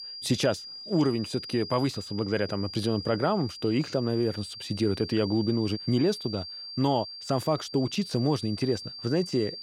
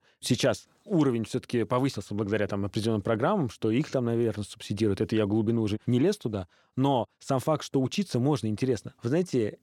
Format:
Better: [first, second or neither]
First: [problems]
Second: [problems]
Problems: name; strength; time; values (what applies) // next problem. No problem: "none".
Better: second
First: high-pitched whine; noticeable; throughout; 4.5 kHz, 10 dB below the speech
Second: none